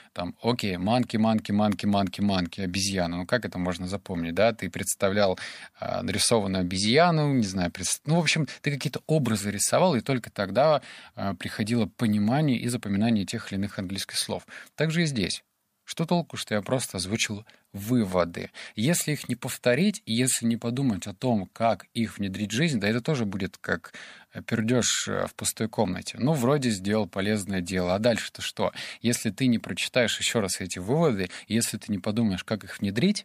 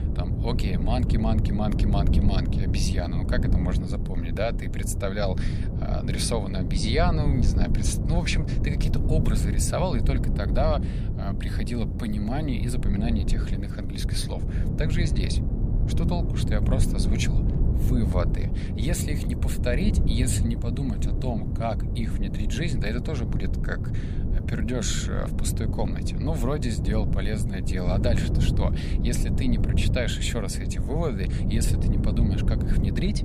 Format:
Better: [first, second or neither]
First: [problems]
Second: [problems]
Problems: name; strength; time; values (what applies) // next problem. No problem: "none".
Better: first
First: none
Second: wind noise on the microphone; heavy; 5 dB below the speech